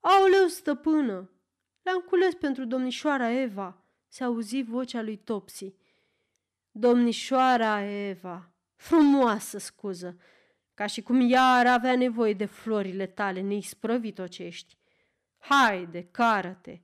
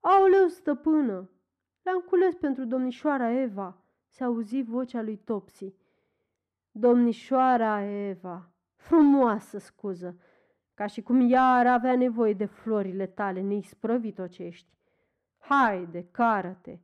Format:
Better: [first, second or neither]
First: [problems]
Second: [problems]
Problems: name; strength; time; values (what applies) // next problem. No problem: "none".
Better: first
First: none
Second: muffled; very; fading above 2 kHz